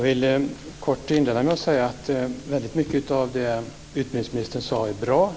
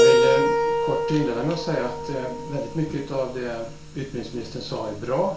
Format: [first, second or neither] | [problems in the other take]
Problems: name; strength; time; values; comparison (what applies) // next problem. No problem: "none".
first | background sound (Keyboard (musical)); 2 dB above the speech // room echo; dies away in 0.3 s